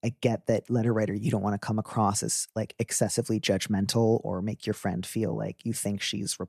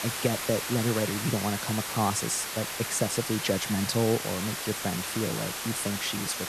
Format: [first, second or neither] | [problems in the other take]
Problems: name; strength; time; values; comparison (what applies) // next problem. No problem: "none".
first | hiss; loud; throughout; 2 dB below the speech